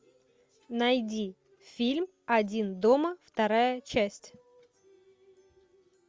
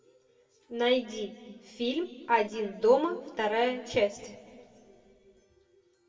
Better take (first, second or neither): first